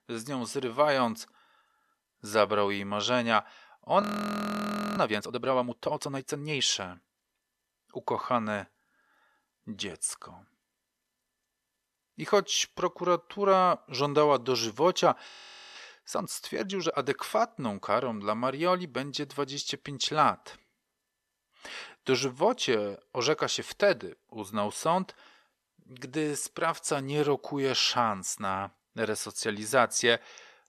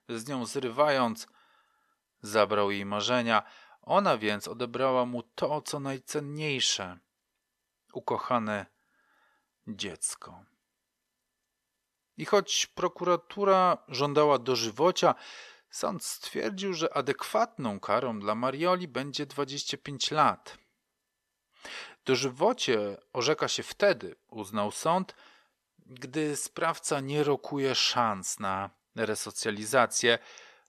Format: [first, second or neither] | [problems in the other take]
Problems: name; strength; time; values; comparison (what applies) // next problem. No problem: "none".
second | audio freezing; at 4 s for 1 s and at 15 s